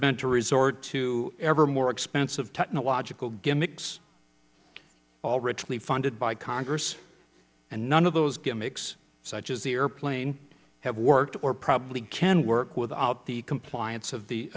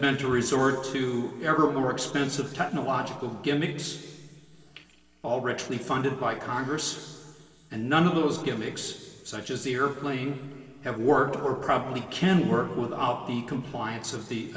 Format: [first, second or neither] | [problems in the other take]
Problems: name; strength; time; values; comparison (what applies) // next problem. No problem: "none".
first | room echo; dies away in 2.2 s